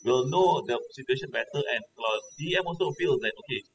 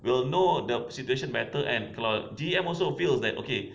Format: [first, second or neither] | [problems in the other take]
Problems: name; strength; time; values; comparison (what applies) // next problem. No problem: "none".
second | noise reduction (classical method spectral subtraction)